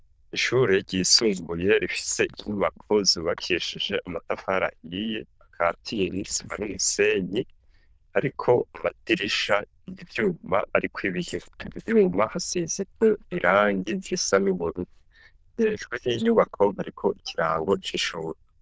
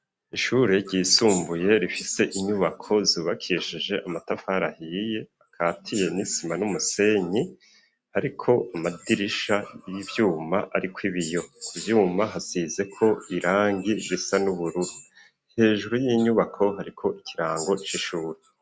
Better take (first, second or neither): second